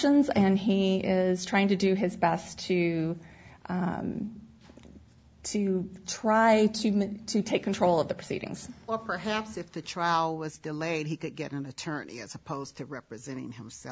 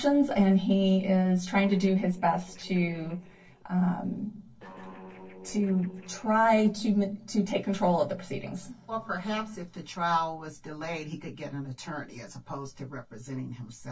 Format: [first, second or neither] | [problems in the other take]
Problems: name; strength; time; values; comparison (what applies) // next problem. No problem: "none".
first | noise reduction (neural separator model SepFormer DNS4)